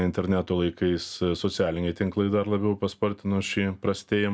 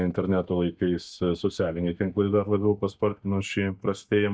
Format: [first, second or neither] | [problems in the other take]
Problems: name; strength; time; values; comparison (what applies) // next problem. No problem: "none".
first | noise reduction (neural mask model DeepFilterNet 3)